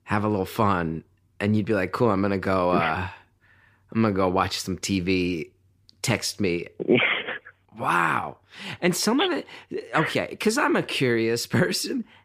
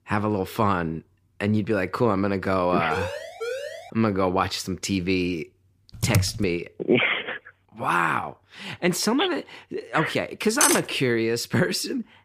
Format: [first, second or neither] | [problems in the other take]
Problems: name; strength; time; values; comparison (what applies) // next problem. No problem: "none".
first | siren; noticeable; from 3 to 4 s; peak 7 dB below the speech // keyboard typing; noticeable; at 6 s; peak level with the speech // clattering dishes; loud; at 11 s; peak 4 dB above the speech